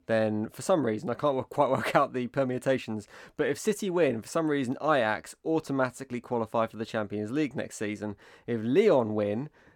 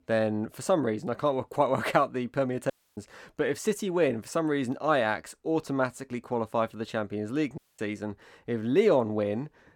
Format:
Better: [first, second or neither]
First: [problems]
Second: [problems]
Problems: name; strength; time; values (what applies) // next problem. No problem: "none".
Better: first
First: none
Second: audio cutting out; at 2.5 s and at 7.5 s